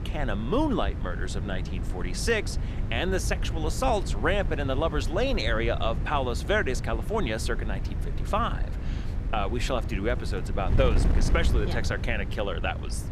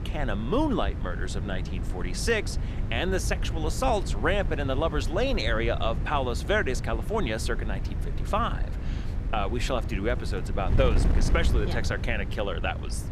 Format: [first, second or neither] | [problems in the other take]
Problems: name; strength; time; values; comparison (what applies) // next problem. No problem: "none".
neither | wind noise on the microphone; occasional gusts; 15 dB below the speech; the same in both